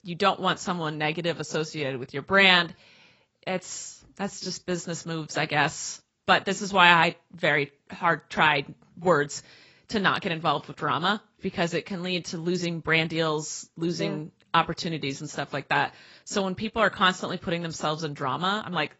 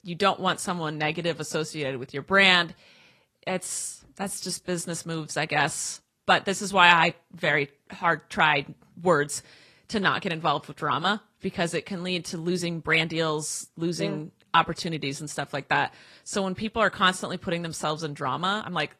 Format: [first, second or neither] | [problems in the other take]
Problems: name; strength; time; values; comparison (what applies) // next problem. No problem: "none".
second | garbled, watery; badly; nothing above 7.5 kHz; slightly in the second